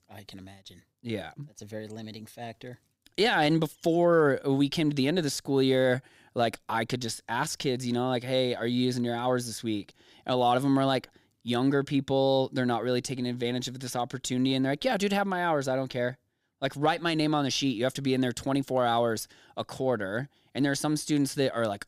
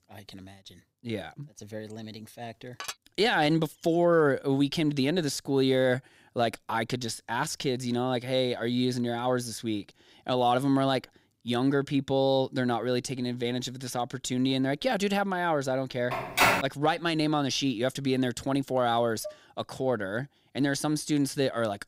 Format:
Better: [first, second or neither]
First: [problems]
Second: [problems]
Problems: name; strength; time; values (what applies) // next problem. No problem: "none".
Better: first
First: none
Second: clattering dishes; faint; at 3 s and at 19 s; peak 10 dB below the speech // phone ringing; loud; at 16 s; peak 5 dB above the speech